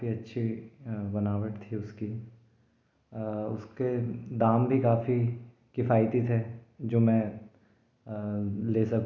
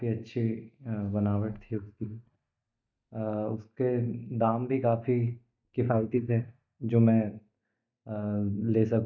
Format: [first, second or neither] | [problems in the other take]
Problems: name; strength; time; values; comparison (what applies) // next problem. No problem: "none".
first | noise reduction (neural mask model DeepFilterNet 3)